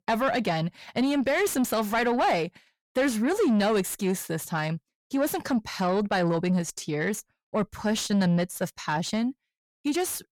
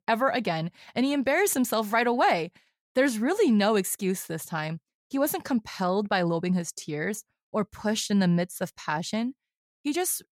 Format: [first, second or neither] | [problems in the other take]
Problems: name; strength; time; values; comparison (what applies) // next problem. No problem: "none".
second | distortion; slight; 10 dB below the speech